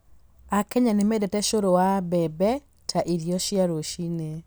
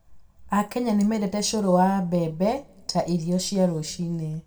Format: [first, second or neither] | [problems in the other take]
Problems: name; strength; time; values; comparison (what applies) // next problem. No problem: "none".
first | room echo; dies away in 0.3 s